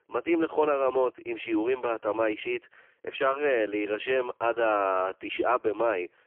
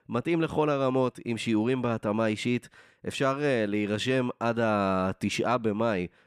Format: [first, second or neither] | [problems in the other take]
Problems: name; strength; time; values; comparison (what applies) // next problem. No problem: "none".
second | phone-call audio; poor line; nothing above 3 kHz